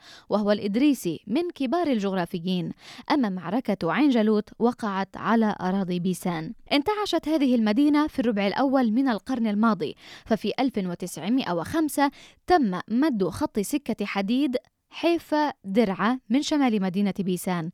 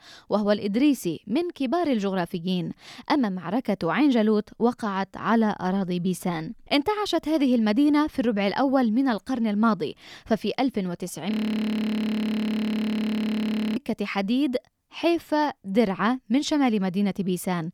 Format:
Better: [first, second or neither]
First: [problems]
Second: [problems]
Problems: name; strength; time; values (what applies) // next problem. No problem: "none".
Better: first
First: none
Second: audio freezing; at 11 s for 2.5 s